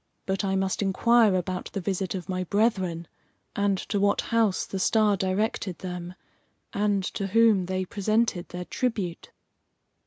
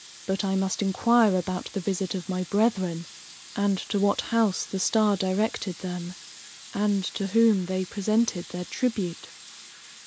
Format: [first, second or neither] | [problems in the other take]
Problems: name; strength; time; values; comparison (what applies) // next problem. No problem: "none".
first | background sound (Sink (filling or washing) / Water tap, faucet); 19 dB below the speech